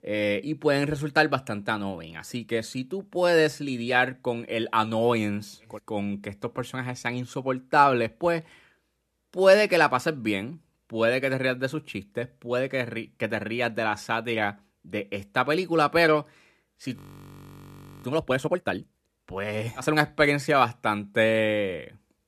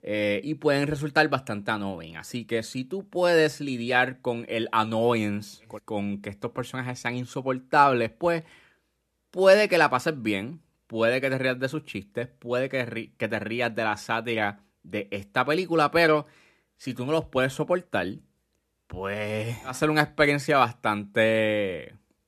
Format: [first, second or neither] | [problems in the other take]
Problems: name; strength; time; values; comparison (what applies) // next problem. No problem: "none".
second | audio freezing; at 17 s for 1 s